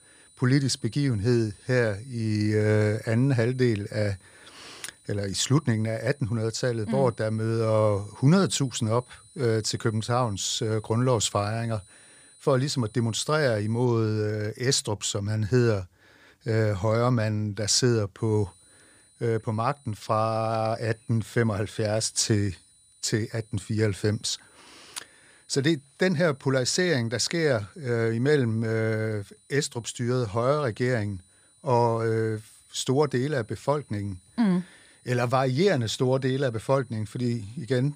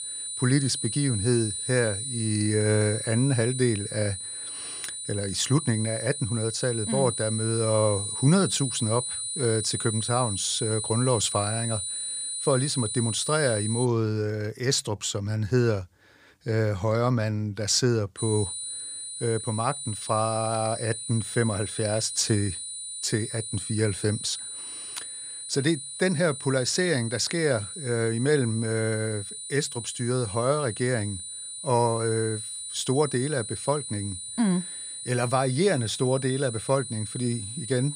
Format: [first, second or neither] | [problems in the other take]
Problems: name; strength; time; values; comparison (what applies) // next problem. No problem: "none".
first | high-pitched whine; loud; until 14 s and from 18 s on; 9.5 kHz, 5 dB below the speech; faint in the first